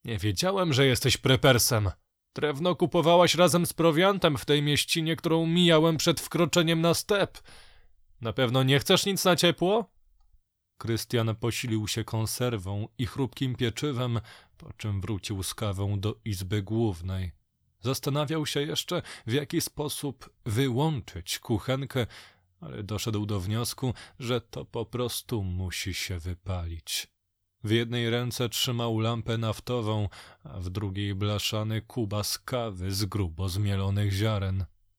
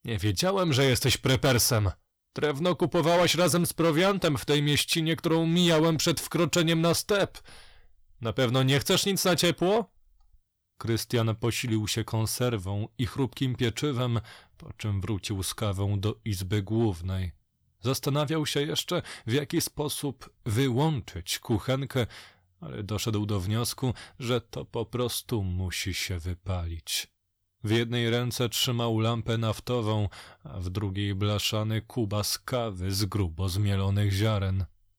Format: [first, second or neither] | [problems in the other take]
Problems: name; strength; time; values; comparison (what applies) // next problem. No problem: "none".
first | distortion; slight; 4% of the sound clipped